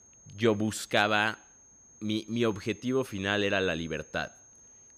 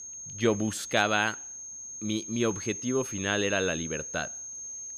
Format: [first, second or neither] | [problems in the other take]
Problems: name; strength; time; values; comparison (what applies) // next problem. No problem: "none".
first | high-pitched whine; loud; throughout; 6.5 kHz, 8 dB below the speech; faint in the first